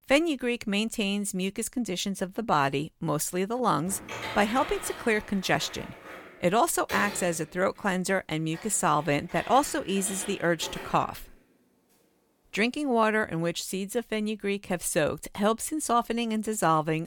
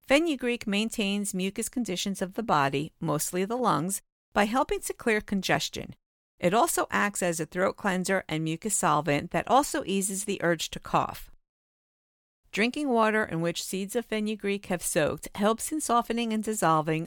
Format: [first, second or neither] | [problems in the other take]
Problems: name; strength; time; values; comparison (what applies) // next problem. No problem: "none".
second | keyboard typing; noticeable; from 4 to 11 s; peak 7 dB below the speech